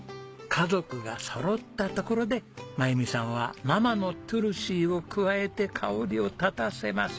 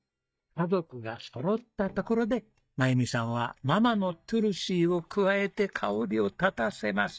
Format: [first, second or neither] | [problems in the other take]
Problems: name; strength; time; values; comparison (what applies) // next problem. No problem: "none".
first | noise reduction (neural mask model DeepFilterNet 3)